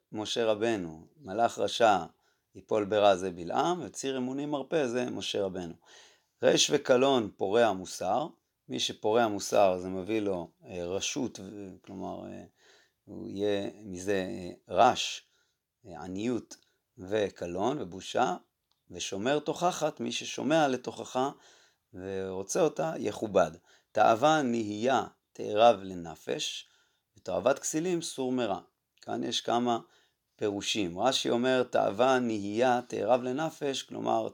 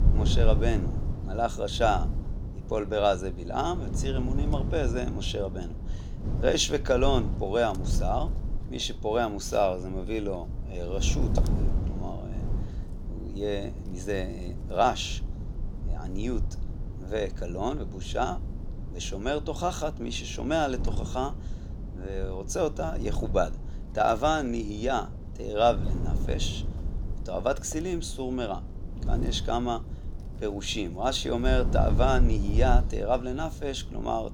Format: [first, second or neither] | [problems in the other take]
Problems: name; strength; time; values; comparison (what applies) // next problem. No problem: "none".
first | wind noise on the microphone; occasional gusts; 15 dB below the speech